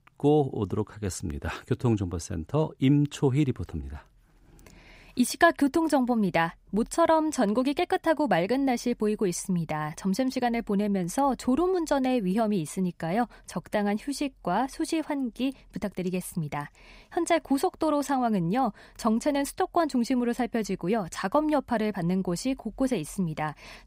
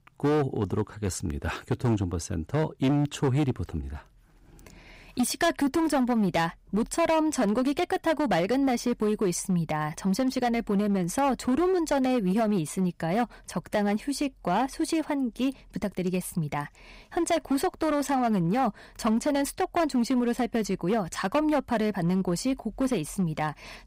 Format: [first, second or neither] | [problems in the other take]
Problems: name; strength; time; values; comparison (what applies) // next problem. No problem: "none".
first | distortion; slight; 9% of the sound clipped